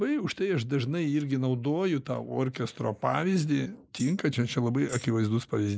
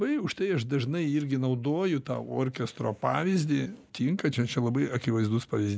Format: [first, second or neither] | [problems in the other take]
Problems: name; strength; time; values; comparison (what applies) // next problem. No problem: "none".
second | noise reduction (neural mask model Resemble Enhance denoiser)